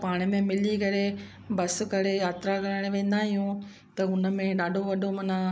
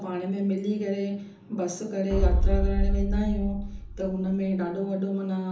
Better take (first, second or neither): first